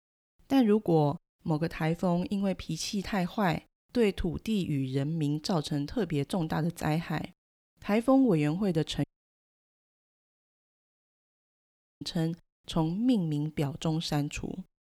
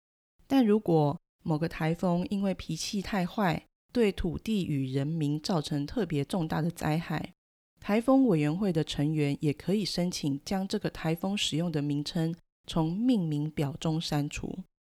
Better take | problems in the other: second | audio cutting out; at 9 s for 3 s

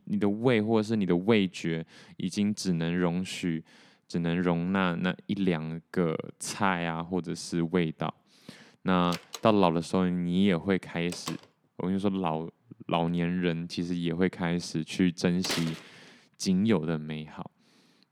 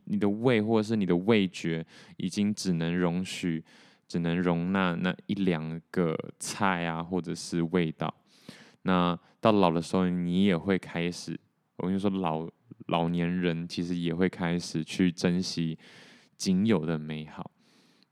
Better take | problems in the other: second | door banging; noticeable; from 9 to 16 s; peak 4 dB below the speech

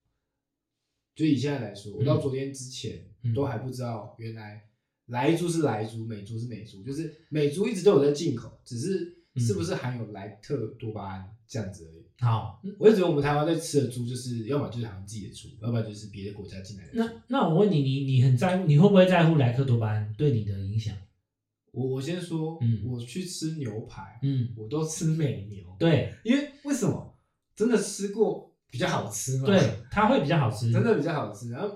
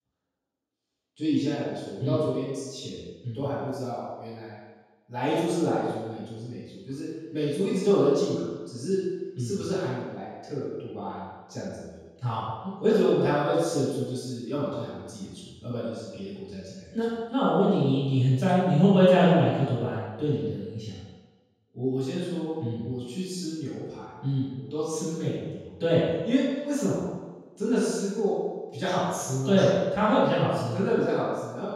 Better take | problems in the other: first | room echo; strong; dies away in 1.2 s; slight in the first // off-mic speech; far; far in the first

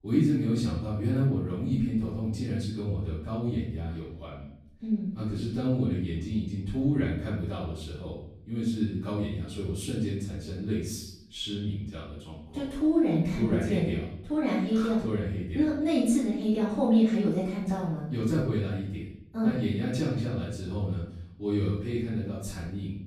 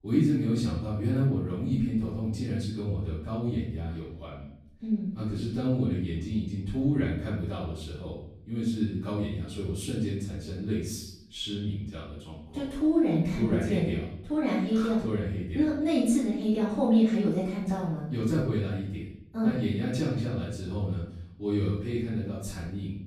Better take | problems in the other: neither | off-mic speech; far; the same in both // room echo; noticeable; dies away in 0.7 s; the same in both

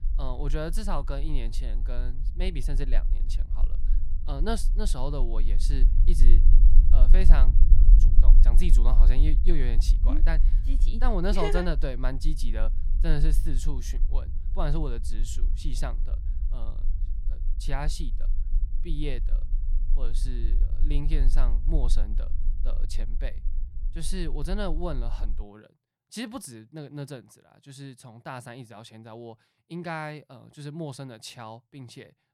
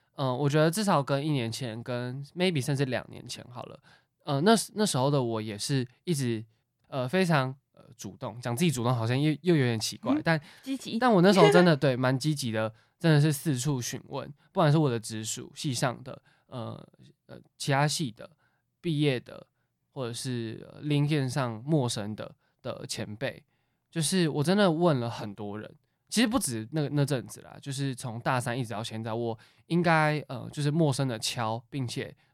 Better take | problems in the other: second | low rumble; noticeable; until 25 s; 15 dB below the speech

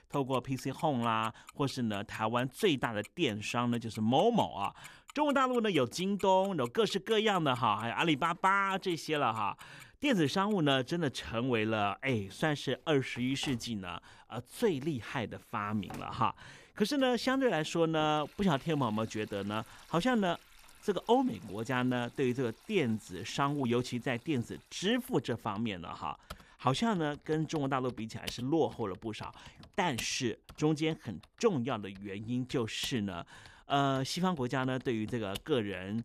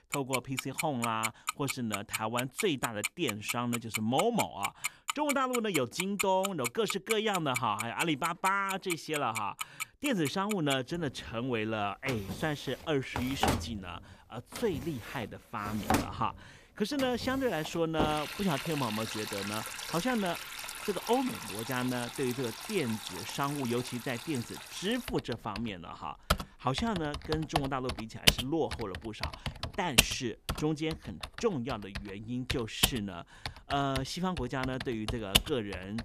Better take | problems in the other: first | household noises; loud; throughout; 2 dB below the speech; faint in the first

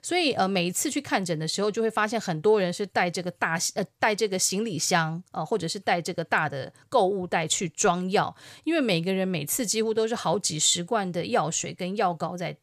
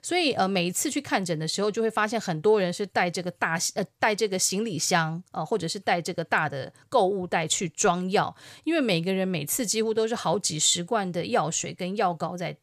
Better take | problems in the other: neither | none

